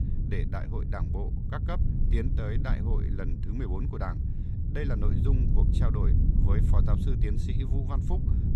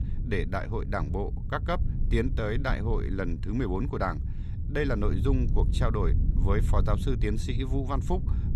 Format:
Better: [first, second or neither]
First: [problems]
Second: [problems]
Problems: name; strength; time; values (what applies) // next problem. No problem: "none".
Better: second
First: wind noise on the microphone; heavy; 2 dB below the speech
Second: wind noise on the microphone; occasional gusts; 10 dB below the speech